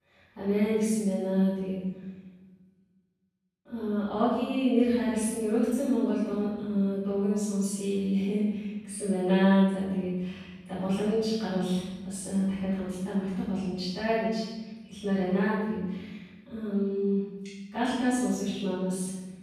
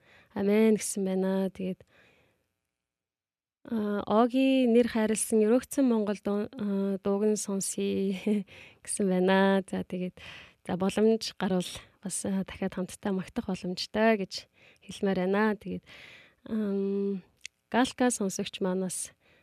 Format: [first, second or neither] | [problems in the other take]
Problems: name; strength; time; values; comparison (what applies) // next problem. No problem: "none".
second | off-mic speech; far // room echo; strong; dies away in 1.3 s